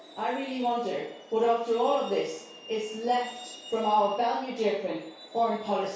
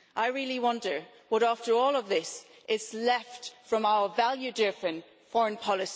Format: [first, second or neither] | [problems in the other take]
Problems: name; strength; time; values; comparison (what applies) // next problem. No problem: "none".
second | background sound (Truck); 19 dB below the speech // room echo; dies away in 0.6 s